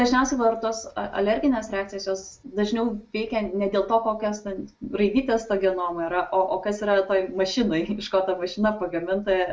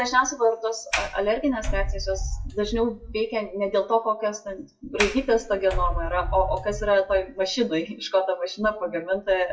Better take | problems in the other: first | noise reduction (classical method WPE with log-MMSE)

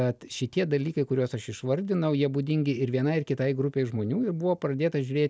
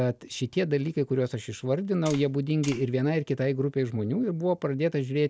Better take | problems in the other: first | background sound (Tap); 17 dB below the speech

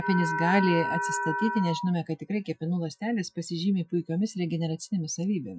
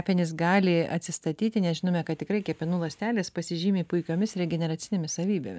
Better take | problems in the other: second | noise reduction (classical method Wiener filter)

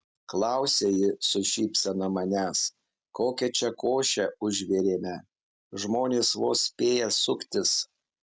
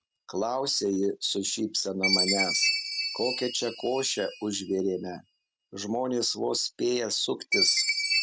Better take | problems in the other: first | background sound (Chime); 2 dB below the speech

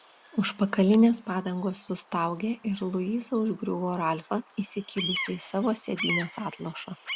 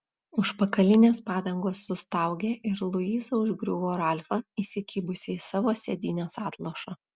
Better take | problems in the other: second | background sound (Bird vocalization, bird call, bird song); 12 dB below the speech

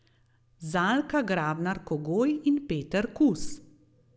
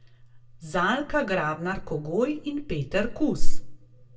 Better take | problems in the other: first | room echo; dies away in 0.1 s

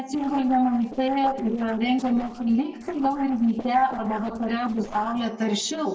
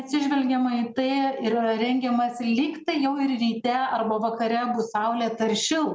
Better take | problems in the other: second | noise reduction (neural separator model SepFormer DNS4)

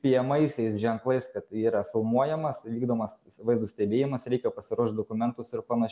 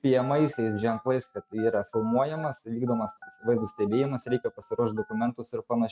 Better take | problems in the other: first | noise reduction (neural mask model RNNoise)

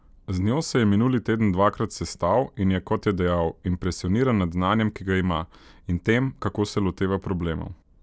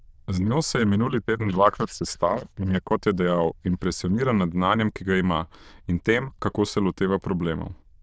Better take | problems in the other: first | noise reduction (neural diffusion model UNIVERSE++)

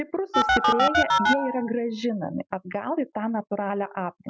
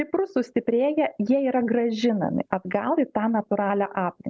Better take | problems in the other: second | noise reduction (classical method Wiener filter)

